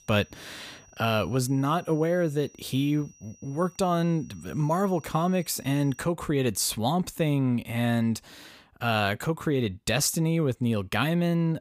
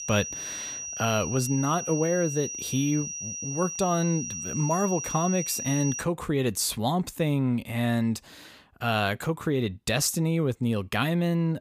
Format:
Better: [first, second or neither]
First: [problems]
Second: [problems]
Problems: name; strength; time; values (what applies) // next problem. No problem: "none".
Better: first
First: high-pitched whine; faint; until 6 s; 6 kHz, 25 dB below the speech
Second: high-pitched whine; loud; until 6 s; 6 kHz, 5 dB below the speech